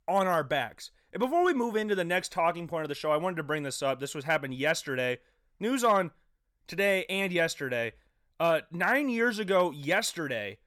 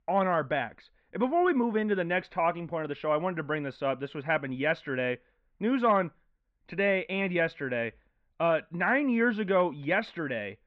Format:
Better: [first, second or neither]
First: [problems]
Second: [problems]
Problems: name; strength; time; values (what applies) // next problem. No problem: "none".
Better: first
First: none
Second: muffled; very; fading above 3 kHz